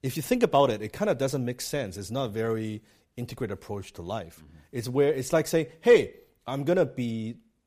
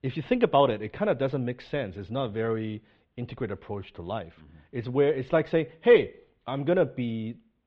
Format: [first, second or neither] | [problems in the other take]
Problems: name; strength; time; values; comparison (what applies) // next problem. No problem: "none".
first | muffled; very; fading above 3.5 kHz